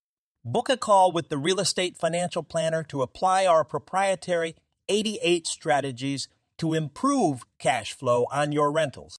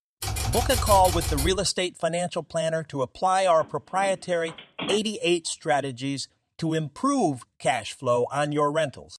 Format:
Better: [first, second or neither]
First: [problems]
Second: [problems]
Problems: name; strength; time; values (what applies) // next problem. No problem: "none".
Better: first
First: none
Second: keyboard typing; noticeable; until 1.5 s; peak level with the speech // phone ringing; noticeable; from 3.5 to 5 s; peak 6 dB below the speech